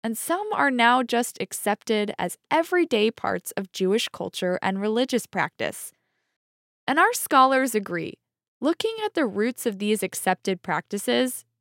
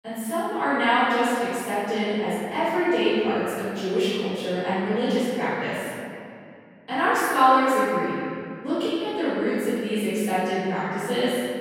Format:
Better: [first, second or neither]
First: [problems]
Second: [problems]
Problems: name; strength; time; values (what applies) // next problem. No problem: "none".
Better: first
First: none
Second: off-mic speech; far // room echo; strong; dies away in 2.4 s